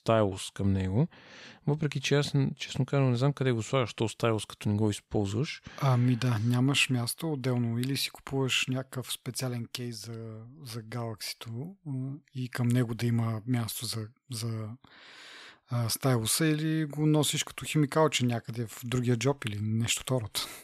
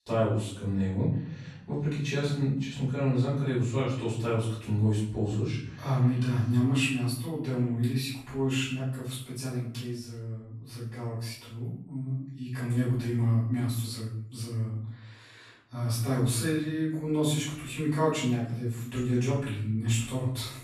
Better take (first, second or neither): first